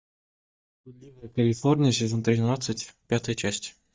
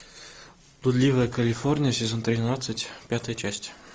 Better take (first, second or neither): second